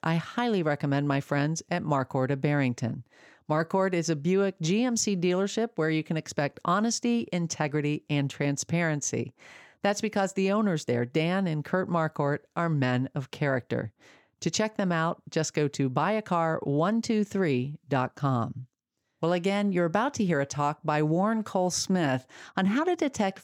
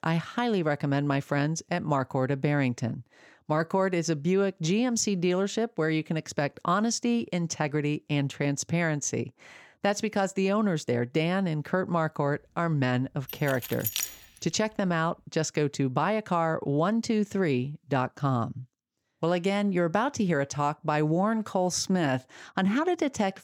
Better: first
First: none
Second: jangling keys; noticeable; at 13 s; peak 2 dB below the speech

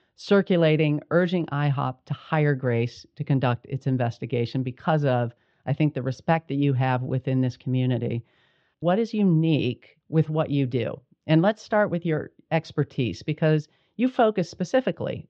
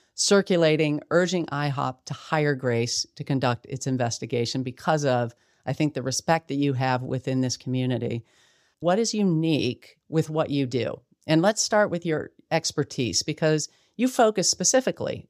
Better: second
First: muffled; very; fading above 3 kHz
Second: none

